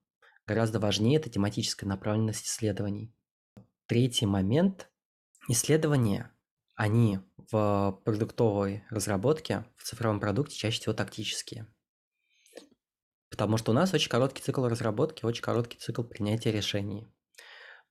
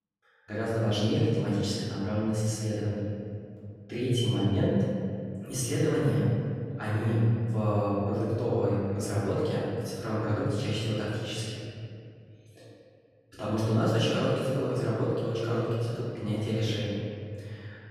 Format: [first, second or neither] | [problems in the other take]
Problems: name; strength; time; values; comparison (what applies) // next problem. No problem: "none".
first | off-mic speech; far // room echo; strong; dies away in 2.3 s